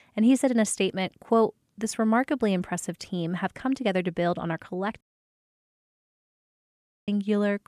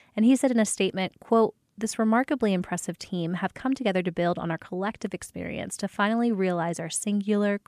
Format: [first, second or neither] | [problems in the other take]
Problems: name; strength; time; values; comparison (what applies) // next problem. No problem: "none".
second | audio cutting out; at 5 s for 2 s